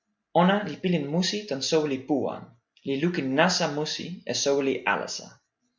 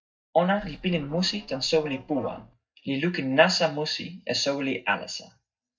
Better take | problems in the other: first | noise reduction (neural mask model DeepFilterNet 3)

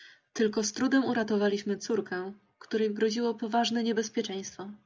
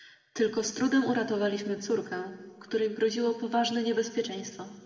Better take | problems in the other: first | room echo; dies away in 1.7 s

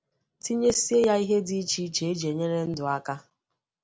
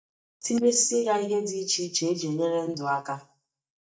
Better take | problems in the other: first | noise reduction (neural mask model DeepFilterNet 3)

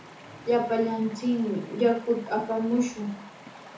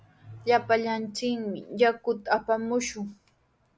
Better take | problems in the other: second | background sound (Stream); 18 dB below the speech // room echo; dies away in 0.6 s

